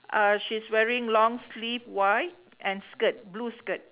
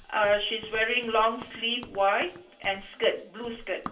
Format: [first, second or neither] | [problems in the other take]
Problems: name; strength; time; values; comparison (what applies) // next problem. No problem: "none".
first | background sound (Run); 18 dB below the speech // room echo; dies away in 0.3 s